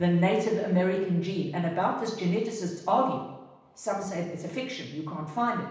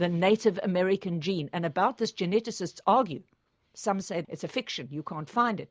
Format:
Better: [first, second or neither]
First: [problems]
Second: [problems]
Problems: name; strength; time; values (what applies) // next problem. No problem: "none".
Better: second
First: room echo; dies away in 0.9 s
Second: none